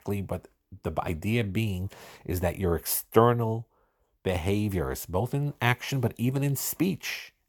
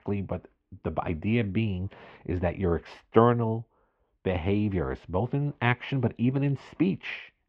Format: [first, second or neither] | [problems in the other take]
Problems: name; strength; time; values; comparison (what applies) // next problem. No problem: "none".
first | muffled; very; fading above 3 kHz